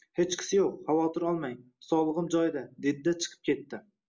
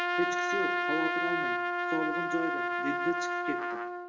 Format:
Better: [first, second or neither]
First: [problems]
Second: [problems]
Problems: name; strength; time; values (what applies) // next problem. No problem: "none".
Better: first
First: none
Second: background sound (Trumpet); 5 dB above the speech // room echo; dies away in 1 s